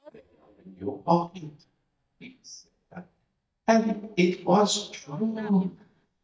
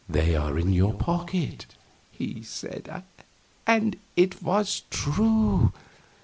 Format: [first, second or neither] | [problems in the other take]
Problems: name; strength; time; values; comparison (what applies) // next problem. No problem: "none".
second | noise reduction (neural mask model DeepFilterNet 3)